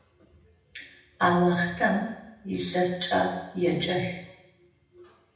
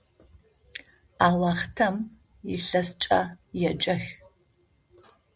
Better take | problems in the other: second | room echo; dies away in 0.9 s

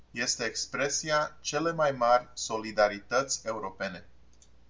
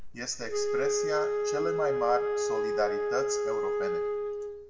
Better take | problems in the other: first | background sound (Wind instrument, woodwind instrument); 4 dB above the speech // room echo; dies away in 1 s

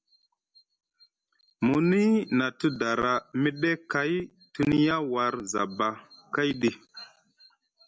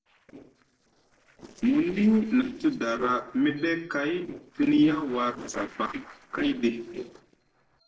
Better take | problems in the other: first | noise reduction (neural separator model SepFormer DNS4)

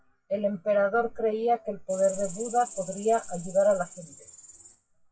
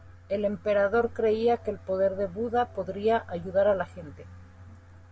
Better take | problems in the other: second | noise reduction (classical method WPE with log-MMSE)

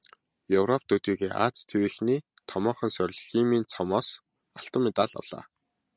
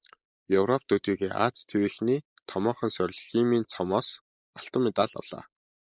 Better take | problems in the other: first | noise reduction (neural mask model Resemble Enhance denoiser)

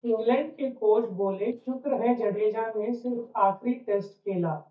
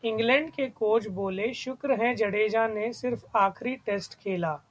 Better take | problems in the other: second | noise reduction (neural mask model DeepFilterNet 3)

